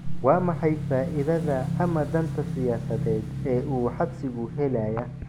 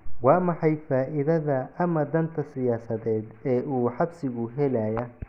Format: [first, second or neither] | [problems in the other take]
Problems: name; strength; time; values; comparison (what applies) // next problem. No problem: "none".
second | background sound (Motorcycle / Engine); 6 dB below the speech